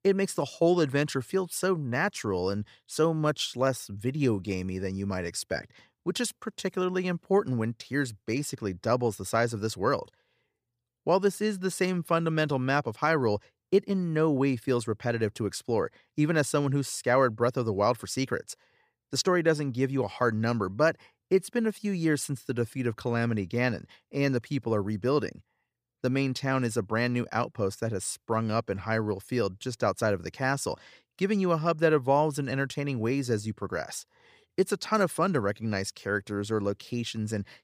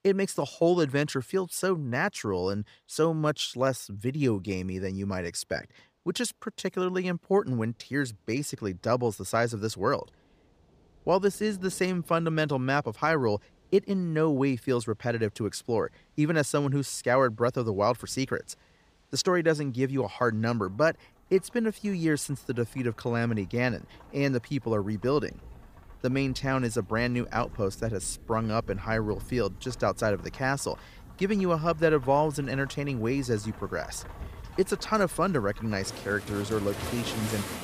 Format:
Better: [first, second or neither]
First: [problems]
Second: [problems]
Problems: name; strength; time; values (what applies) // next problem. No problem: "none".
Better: first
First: none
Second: rain or running water; noticeable; throughout; 15 dB below the speech